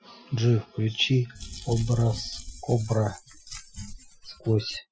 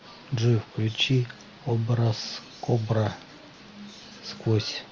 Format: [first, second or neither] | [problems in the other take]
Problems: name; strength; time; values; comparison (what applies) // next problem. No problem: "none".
second | noise reduction (classical method Wiener filter)